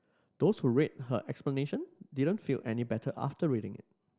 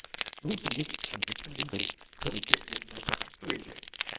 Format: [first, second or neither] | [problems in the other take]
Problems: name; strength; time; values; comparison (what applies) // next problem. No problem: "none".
first | noise reduction (neural separator model SepFormer WHAMR!)